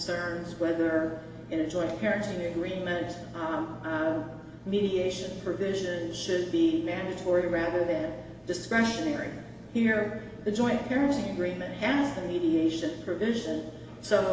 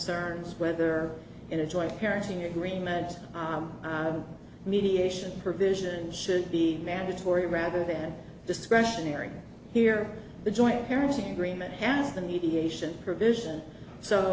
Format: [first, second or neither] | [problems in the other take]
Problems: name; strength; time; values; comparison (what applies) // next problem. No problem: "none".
second | room echo; dies away in 2.3 s